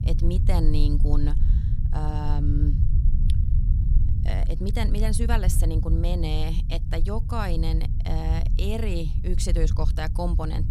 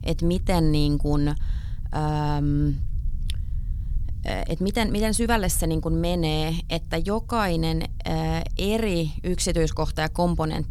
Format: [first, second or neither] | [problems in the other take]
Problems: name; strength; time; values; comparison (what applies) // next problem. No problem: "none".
second | low rumble; loud; throughout; 9 dB below the speech; faint in the second